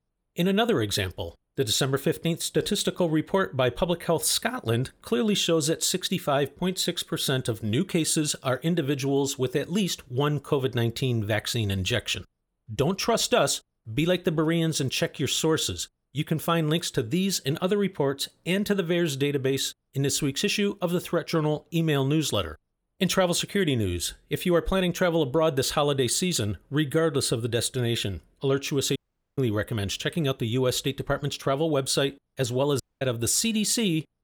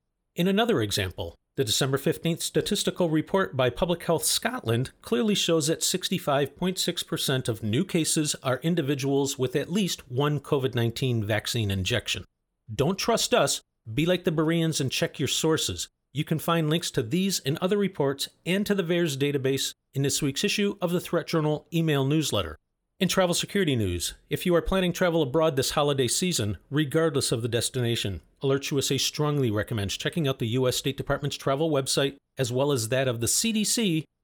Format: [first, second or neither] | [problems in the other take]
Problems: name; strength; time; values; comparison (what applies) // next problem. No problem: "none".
second | audio cutting out; at 29 s and at 33 s